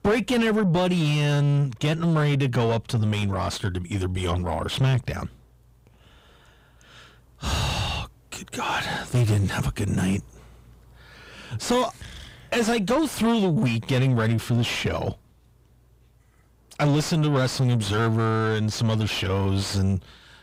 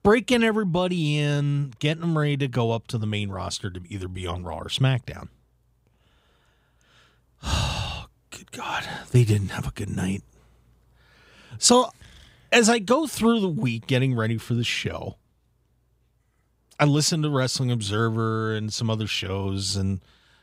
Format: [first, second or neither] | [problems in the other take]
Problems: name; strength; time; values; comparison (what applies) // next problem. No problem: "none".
second | distortion; heavy; 6 dB below the speech